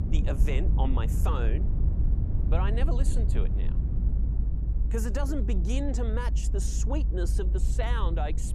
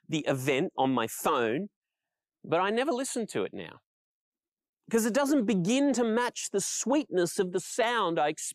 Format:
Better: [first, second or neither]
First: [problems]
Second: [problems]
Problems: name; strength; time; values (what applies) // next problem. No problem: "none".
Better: second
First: low rumble; loud; throughout; 8 dB below the speech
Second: none